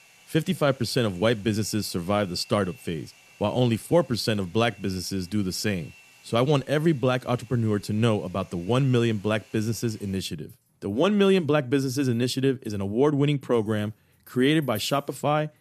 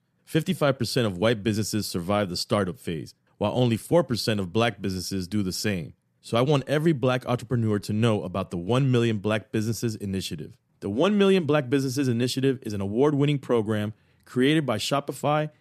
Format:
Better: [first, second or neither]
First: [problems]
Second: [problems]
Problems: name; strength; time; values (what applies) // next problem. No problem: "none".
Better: second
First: household noises; faint; throughout; 25 dB below the speech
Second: none